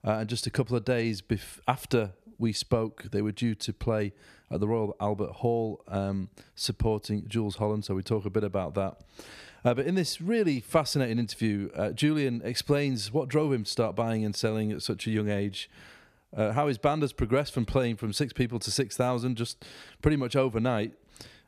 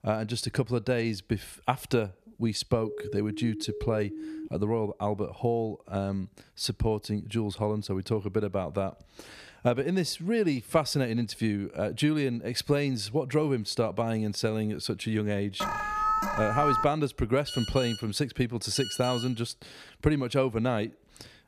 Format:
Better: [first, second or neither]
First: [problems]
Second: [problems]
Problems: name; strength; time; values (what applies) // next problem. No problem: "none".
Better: first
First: none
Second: siren; noticeable; from 3 to 4.5 s; peak 9 dB below the speech // alarm; loud; from 16 to 17 s; peak 3 dB above the speech // phone ringing; noticeable; from 17 to 19 s; peak 5 dB below the speech